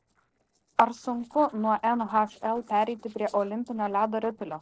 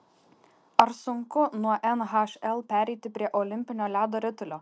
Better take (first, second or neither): second